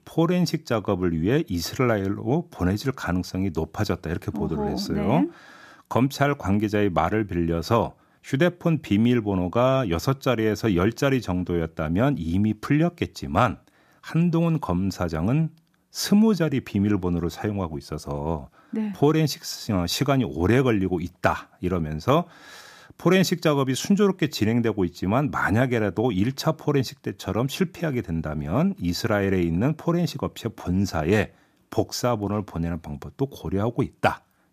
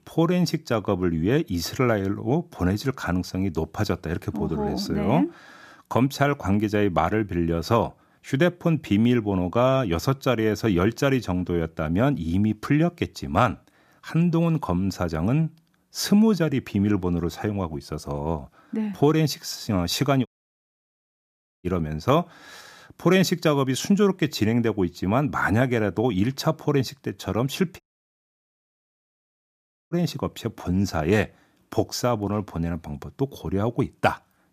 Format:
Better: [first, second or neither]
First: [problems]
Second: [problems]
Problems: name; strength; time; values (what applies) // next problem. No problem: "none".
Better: first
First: none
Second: audio cutting out; at 20 s for 1.5 s and at 28 s for 2 s